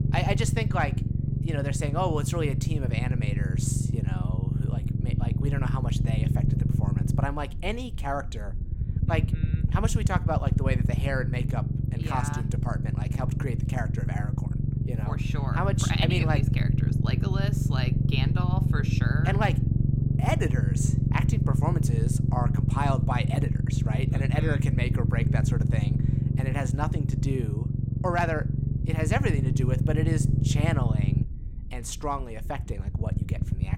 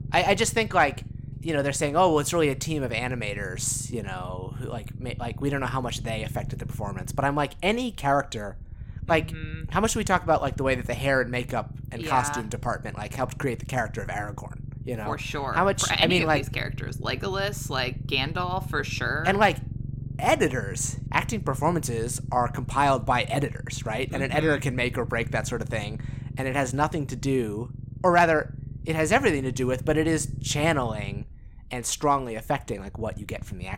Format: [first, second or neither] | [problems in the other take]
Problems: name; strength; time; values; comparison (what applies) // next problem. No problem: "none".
second | low rumble; loud; throughout; 4 dB below the speech; faint in the second